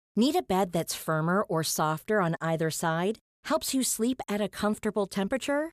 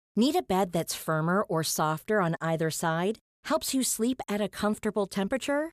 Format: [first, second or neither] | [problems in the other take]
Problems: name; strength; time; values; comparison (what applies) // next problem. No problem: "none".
neither | none